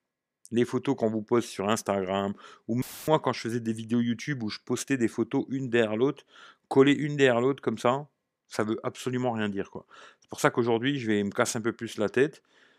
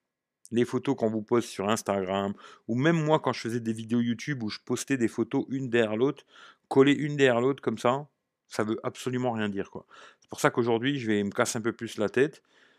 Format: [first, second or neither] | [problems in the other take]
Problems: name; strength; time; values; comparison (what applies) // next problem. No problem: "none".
second | audio cutting out; filled with static; at 3 s